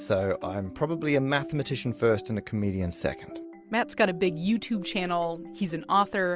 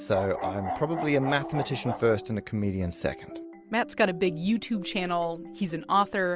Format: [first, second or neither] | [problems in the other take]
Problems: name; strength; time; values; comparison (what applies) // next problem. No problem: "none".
first | background sound (Bark); 8 dB below the speech